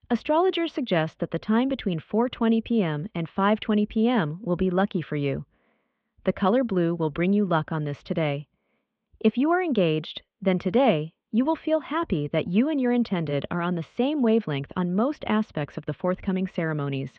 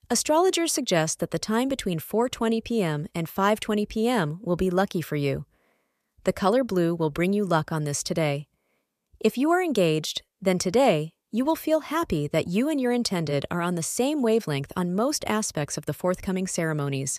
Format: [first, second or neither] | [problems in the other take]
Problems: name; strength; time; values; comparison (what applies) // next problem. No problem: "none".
second | muffled; very; fading above 3.5 kHz